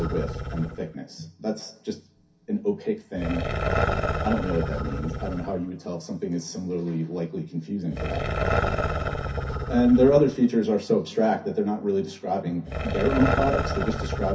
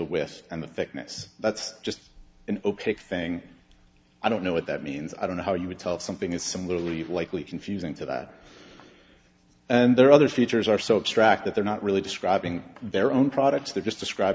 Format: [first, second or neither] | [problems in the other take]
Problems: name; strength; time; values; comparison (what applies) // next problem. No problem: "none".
second | background sound (Growling); 4 dB below the speech // room echo; dies away in 0.3 s